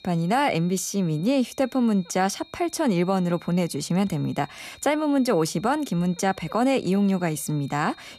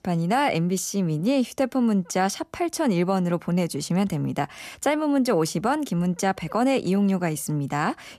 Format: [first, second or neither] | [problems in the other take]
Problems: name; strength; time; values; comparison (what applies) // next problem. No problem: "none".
second | high-pitched whine; faint; throughout; 4 kHz, 25 dB below the speech